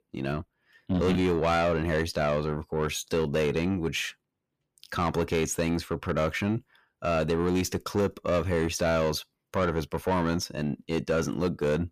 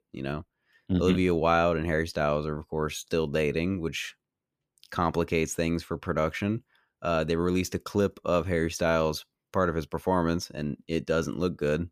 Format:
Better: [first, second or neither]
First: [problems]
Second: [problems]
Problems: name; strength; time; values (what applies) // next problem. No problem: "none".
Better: second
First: distortion; slight; 10 dB below the speech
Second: none